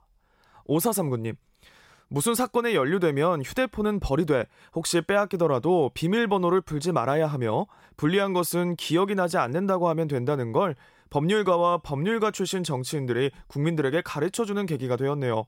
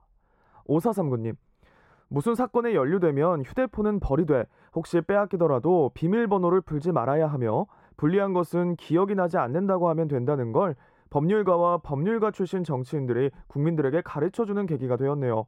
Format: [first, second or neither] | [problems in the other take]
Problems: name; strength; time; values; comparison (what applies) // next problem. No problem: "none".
first | muffled; very; fading above 2 kHz